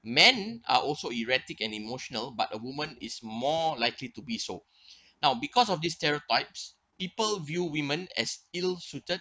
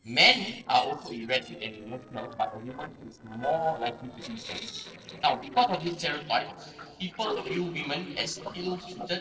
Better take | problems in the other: first | noise reduction (neural separator model SepFormer DNS4)

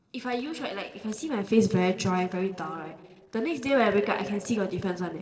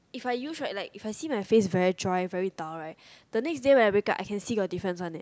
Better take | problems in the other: second | noise reduction (neural separator model SepFormer DNS4)

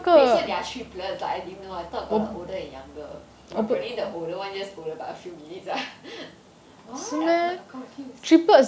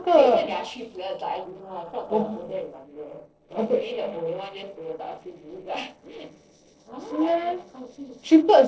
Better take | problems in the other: first | noise reduction (neural separator model SepFormer DNS4)

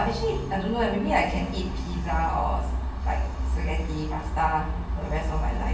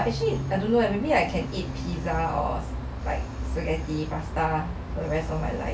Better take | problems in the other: second | room echo; dies away in 0.8 s

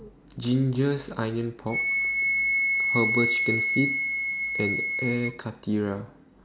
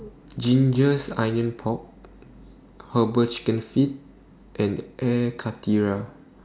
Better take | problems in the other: second | background sound (Wind instrument, woodwind instrument); 1 dB above the speech

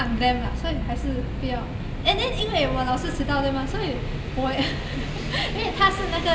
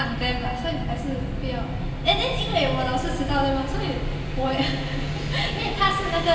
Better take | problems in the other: first | room echo; dies away in 2.4 s

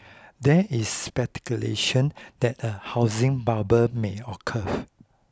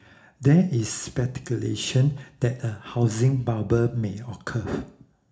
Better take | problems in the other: first | room echo; dies away in 0.4 s

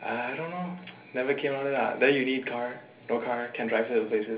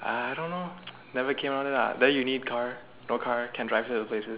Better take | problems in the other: second | room echo; dies away in 0.3 s

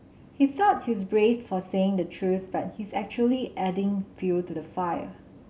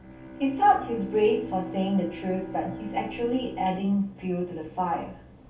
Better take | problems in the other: first | background sound (Bowed string instrument); 13 dB below the speech // room echo; dies away in 0.3 s

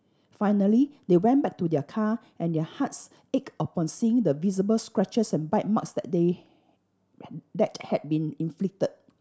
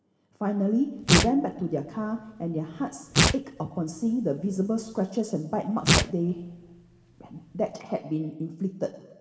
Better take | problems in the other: first | background sound (Tearing); as loud as the speech // room echo; dies away in 1.1 s

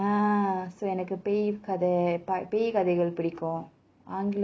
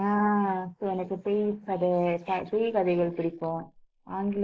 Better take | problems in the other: first | noise reduction (neural mask model Resemble Enhance denoiser)

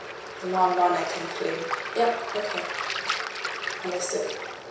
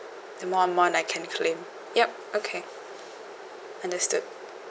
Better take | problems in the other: second | background sound (Waves, surf); 6 dB below the speech // room echo; dies away in 0.7 s

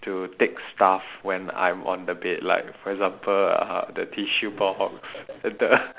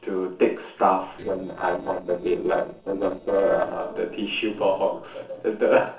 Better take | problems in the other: first | noise reduction (neural separator model SepFormer DNS4)

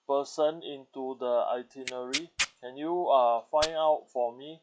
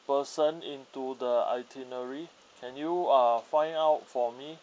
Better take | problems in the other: second | noise reduction (classical method log-MMSE)

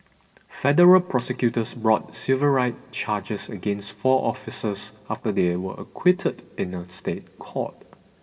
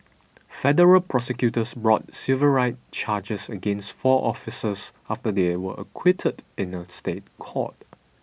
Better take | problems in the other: second | room echo; dies away in 1.4 s

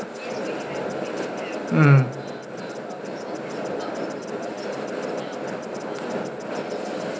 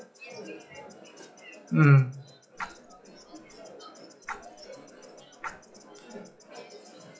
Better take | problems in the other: first | noise reduction (classical method log-MMSE)

